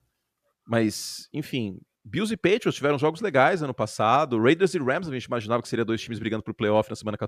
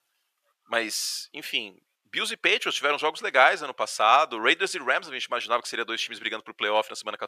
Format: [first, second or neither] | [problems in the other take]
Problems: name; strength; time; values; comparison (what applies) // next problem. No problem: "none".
first | thin; very; fading below 800 Hz